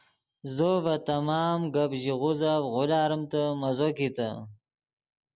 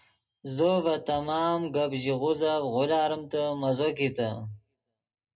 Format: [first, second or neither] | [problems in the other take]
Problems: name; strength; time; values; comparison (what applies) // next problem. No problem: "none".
first | room echo; dies away in 0.2 s